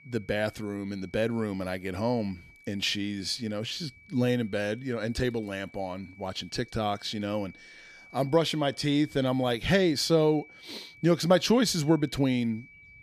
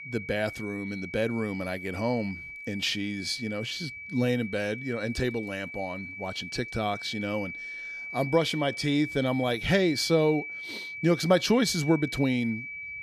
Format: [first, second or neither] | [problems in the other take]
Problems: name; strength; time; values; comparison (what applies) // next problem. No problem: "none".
first | high-pitched whine; loud; throughout; 2.5 kHz, 9 dB below the speech; faint in the first